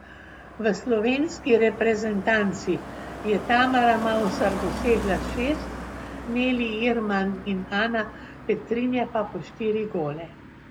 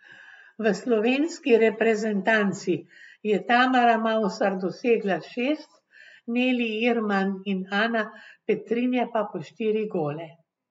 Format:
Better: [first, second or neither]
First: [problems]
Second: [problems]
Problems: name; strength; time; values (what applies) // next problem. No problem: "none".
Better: second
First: background sound (Car passing by); 11 dB below the speech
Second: none